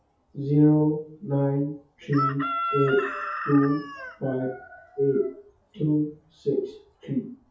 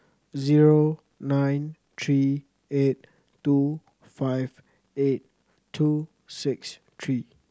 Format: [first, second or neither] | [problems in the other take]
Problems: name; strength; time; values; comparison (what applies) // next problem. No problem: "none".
second | noise reduction (classical method WPE with log-MMSE)